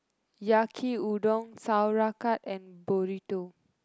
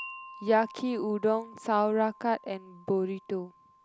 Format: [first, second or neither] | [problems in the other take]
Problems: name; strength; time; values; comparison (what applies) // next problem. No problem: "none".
first | background sound (Wind chime); 19 dB below the speech